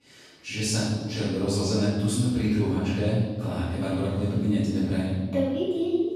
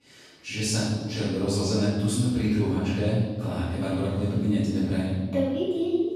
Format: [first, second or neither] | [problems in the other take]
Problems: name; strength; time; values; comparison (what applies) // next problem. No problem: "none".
neither | room echo; strong; dies away in 1.3 s; the same in both // off-mic speech; far; the same in both